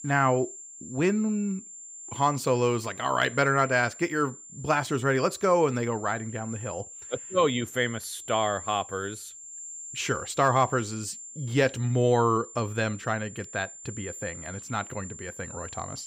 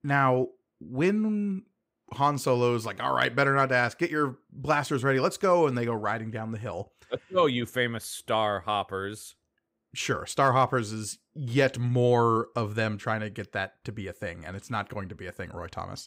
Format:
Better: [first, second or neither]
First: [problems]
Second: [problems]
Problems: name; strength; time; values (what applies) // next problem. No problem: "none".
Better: second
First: high-pitched whine; noticeable; throughout; 7.5 kHz, 15 dB below the speech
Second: none